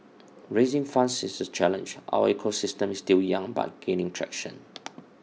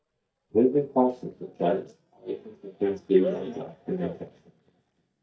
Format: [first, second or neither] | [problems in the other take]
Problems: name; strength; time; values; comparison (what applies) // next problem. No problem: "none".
first | noise reduction (neural mask model DeepFilterNet 3)